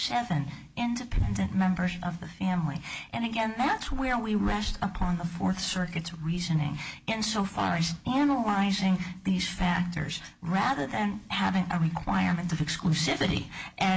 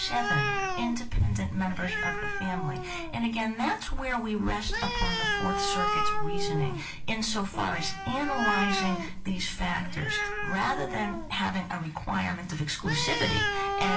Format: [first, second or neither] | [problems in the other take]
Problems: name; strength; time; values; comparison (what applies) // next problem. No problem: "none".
first | background sound (Animal); 1 dB below the speech // room echo; dies away in 0.5 s